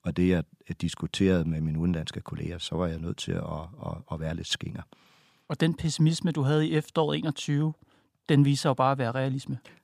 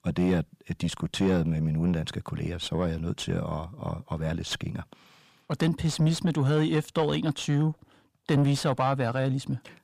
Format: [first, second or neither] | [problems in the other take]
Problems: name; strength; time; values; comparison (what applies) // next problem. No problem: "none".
first | distortion; slight; 10 dB below the speech